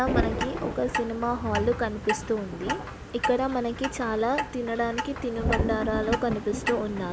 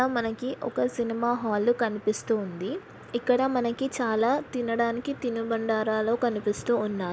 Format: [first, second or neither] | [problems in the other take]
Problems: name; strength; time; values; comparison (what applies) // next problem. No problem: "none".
second | background sound (Clock + Thunder); 3 dB below the speech